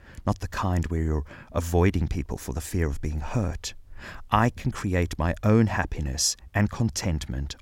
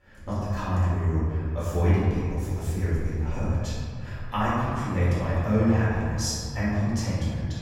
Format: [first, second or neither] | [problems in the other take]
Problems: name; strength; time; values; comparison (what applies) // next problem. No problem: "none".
first | room echo; strong; dies away in 2.2 s // off-mic speech; far